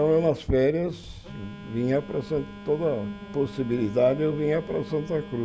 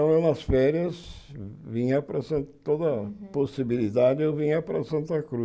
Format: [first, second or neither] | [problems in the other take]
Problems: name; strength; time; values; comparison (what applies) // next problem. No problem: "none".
second | background sound (Telephone); 16 dB below the speech